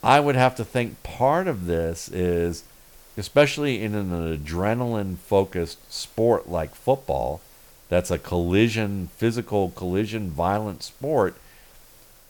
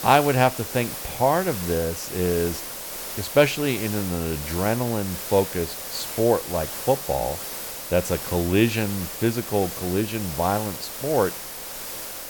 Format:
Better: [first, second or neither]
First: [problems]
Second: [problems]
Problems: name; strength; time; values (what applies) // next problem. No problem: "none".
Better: first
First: hiss; faint; throughout; 25 dB below the speech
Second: hiss; loud; throughout; 7 dB below the speech